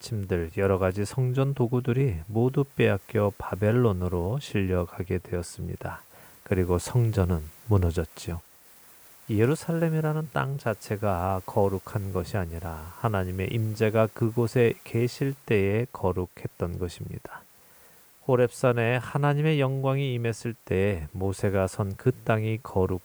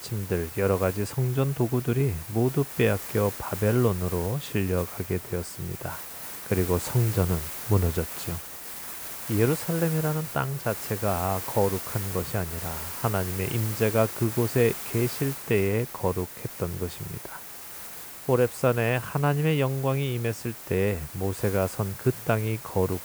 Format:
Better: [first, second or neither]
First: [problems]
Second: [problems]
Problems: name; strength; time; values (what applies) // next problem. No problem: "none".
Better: first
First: hiss; faint; throughout; 25 dB below the speech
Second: hiss; loud; throughout; 8 dB below the speech